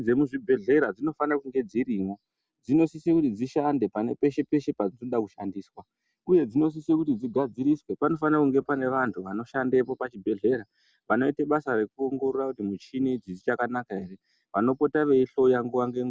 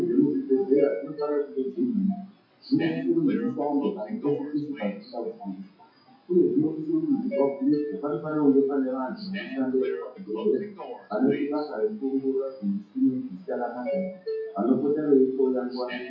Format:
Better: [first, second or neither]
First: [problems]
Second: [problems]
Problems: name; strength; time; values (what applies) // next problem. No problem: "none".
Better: first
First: none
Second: noise reduction (classical method WPE with log-MMSE)